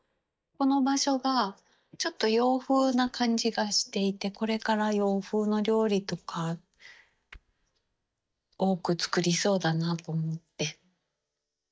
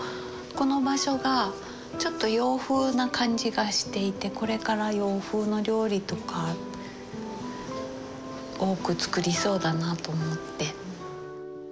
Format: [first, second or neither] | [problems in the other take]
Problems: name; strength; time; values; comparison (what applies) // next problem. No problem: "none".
second | noise reduction (neural mask model DeepFilterNet 3)